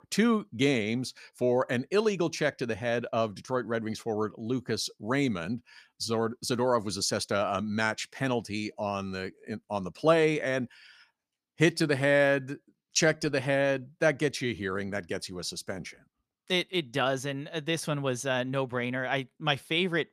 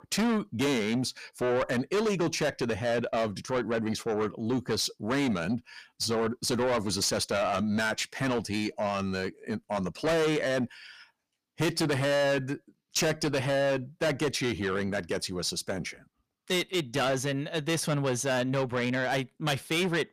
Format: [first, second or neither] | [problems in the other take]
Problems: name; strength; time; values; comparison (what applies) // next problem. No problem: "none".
first | distortion; heavy; 6 dB below the speech